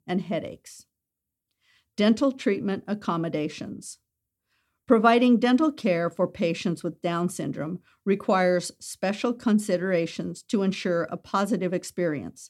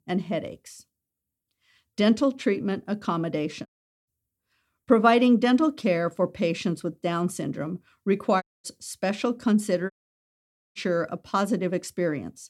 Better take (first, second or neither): first